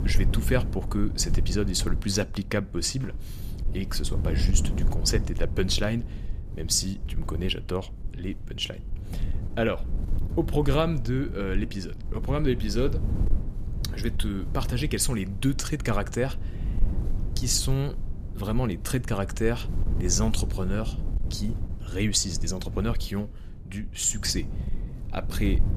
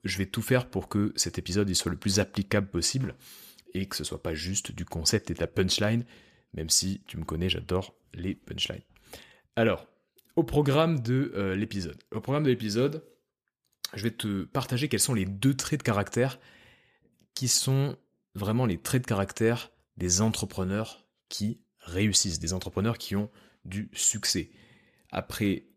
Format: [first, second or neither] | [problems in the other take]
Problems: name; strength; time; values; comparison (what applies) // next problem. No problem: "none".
second | wind noise on the microphone; occasional gusts; 15 dB below the speech